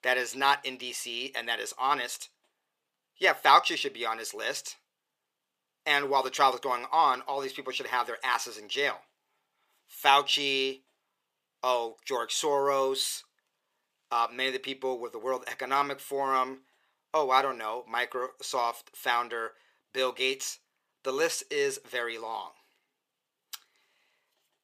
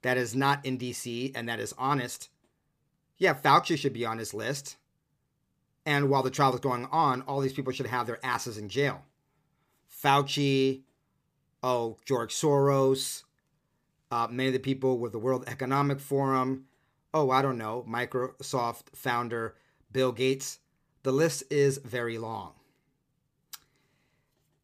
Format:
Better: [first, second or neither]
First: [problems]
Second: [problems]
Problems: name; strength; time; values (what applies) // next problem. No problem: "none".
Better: second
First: thin; very; fading below 650 Hz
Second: none